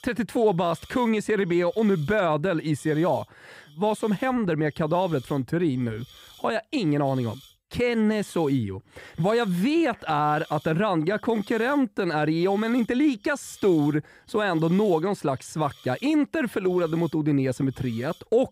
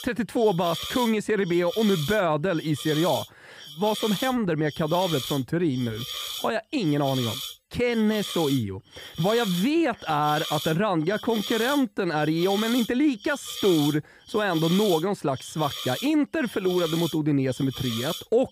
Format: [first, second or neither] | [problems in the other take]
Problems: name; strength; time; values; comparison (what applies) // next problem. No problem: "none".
first | hiss; loud; throughout; 9 dB below the speech; faint in the first